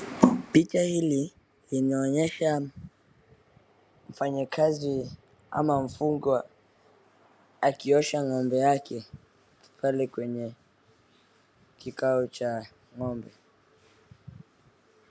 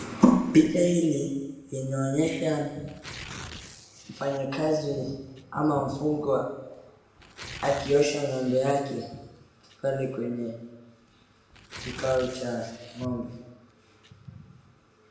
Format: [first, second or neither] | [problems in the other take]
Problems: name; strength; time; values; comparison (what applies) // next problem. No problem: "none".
first | background sound (Tearing); 19 dB below the speech // room echo; dies away in 1 s